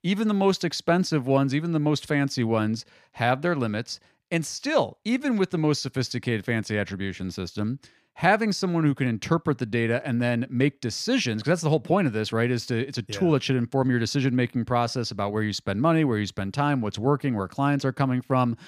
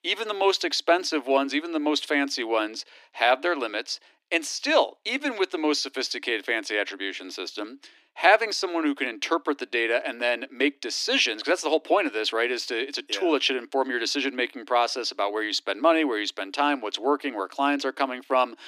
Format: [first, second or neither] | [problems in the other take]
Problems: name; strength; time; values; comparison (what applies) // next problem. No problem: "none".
first | thin; somewhat; fading below 300 Hz